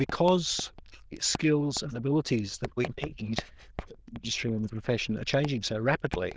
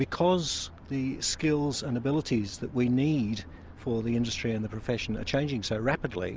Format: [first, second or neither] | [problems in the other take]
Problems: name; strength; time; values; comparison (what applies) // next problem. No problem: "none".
second | noise reduction (neural diffusion model UNIVERSE++)